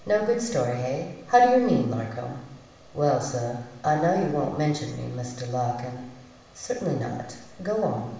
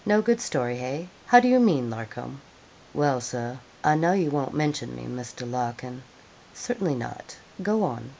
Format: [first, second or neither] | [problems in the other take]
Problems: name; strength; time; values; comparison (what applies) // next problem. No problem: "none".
second | room echo; dies away in 0.9 s